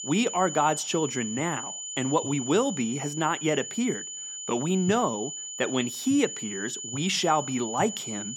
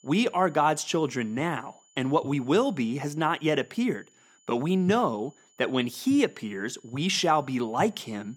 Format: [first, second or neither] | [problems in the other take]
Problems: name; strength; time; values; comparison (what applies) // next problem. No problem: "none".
second | high-pitched whine; loud; throughout; 7 kHz, 7 dB below the speech; faint in the second